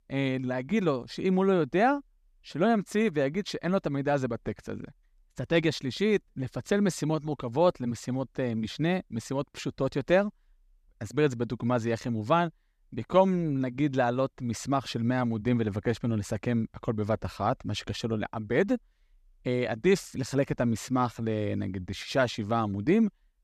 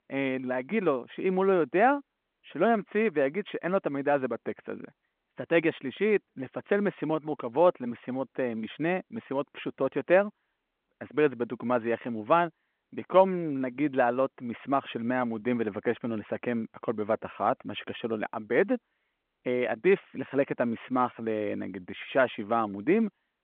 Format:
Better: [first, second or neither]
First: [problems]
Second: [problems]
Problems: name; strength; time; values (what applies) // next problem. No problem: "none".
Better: first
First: none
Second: phone-call audio